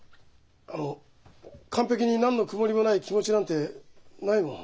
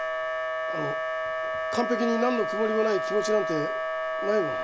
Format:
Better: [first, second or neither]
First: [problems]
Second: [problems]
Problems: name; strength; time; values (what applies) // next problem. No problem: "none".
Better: first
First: none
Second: background sound (Wind instrument, woodwind instrument); as loud as the speech